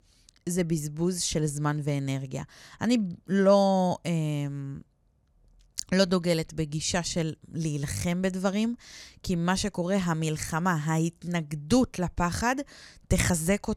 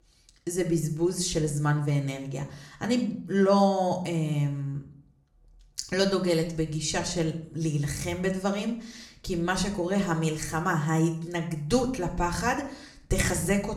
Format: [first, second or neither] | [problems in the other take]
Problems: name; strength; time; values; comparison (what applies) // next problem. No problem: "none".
first | room echo; slight; dies away in 0.5 s // off-mic speech; somewhat distant